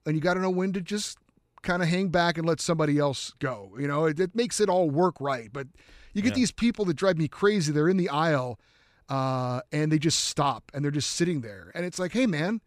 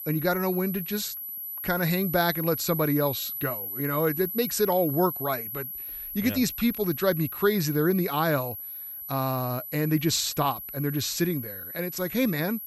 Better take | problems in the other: first | high-pitched whine; loud; throughout; 12 kHz, 6 dB below the speech

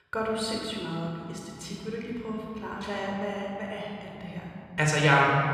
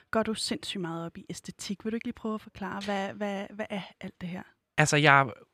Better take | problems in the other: second | off-mic speech; somewhat distant // room echo; noticeable; dies away in 3 s

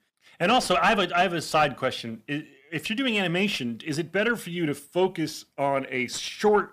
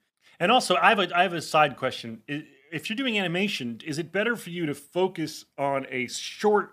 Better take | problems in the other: second | distortion; slight; 10 dB below the speech

